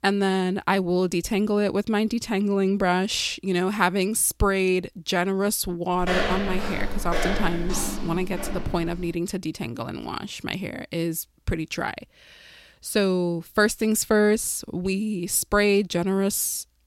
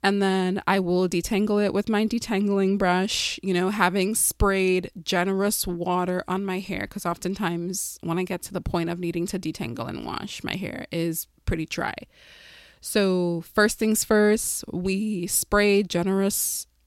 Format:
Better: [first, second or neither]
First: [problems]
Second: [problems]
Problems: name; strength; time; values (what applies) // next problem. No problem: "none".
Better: second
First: footsteps; noticeable; from 6 to 9 s; peak level with the speech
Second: none